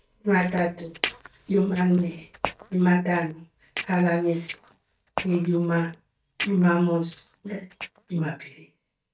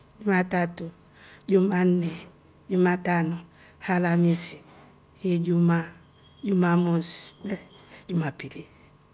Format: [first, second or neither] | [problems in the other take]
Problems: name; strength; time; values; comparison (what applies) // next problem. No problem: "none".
second | noise reduction (neural mask model DeepFilterNet 3)